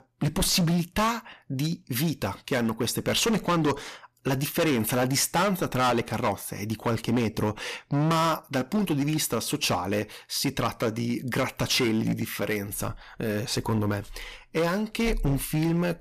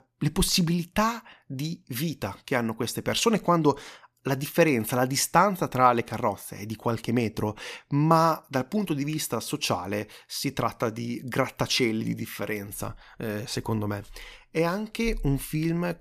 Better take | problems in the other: second | distortion; heavy; 12% of the sound clipped

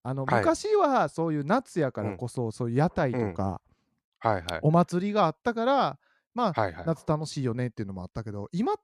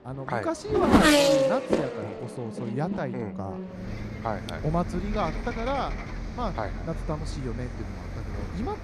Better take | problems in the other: first | traffic noise; very loud; throughout; 4 dB above the speech

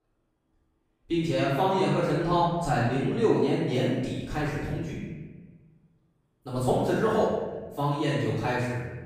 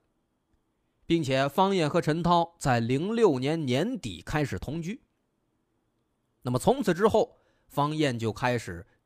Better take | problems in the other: second | off-mic speech; far // room echo; strong; dies away in 1.2 s

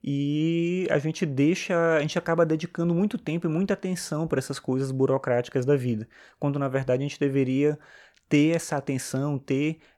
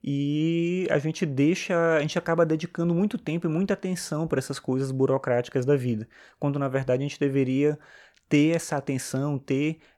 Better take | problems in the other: neither | none

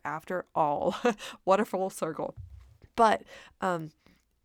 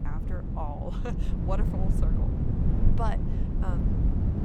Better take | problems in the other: first | wind noise on the microphone; heavy; 1 dB below the speech

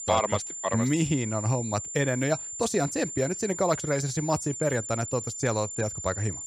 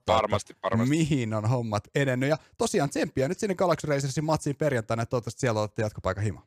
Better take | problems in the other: second | high-pitched whine; loud; throughout; 7 kHz, 6 dB below the speech

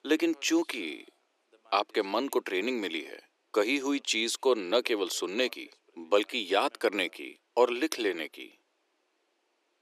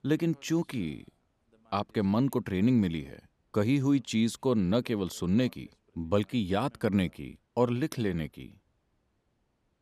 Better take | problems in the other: second | thin; very; fading below 350 Hz

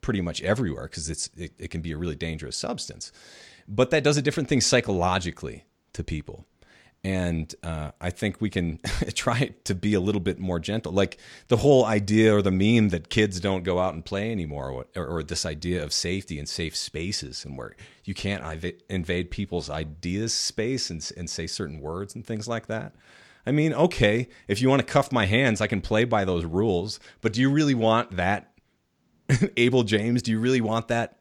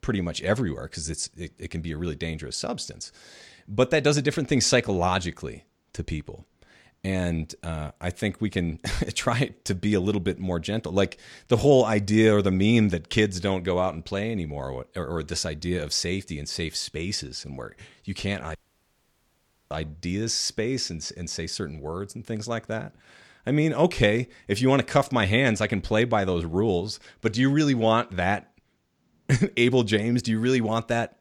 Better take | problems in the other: first | audio cutting out; at 19 s for 1 s

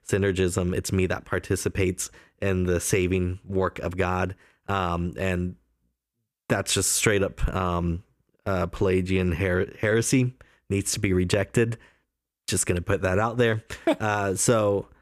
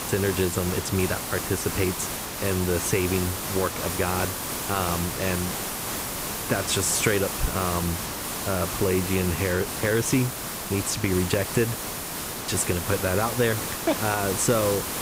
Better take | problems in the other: first | hiss; loud; throughout; 3 dB below the speech

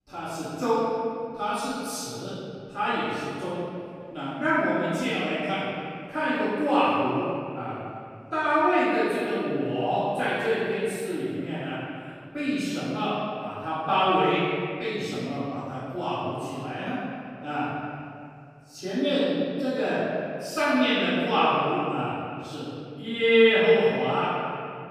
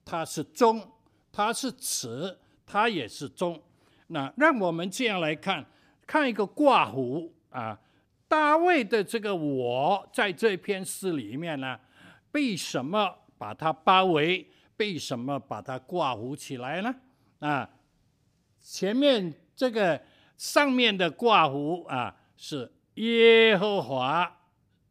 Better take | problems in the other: second | off-mic speech; far // room echo; strong; dies away in 2.4 s

